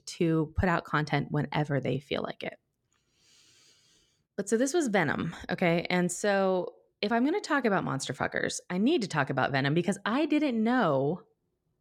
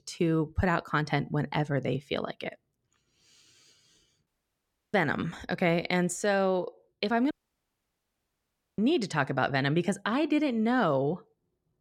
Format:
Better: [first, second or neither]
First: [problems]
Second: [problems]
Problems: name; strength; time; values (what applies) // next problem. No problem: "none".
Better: first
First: none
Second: audio cutting out; at 4.5 s for 0.5 s and at 7.5 s for 1.5 s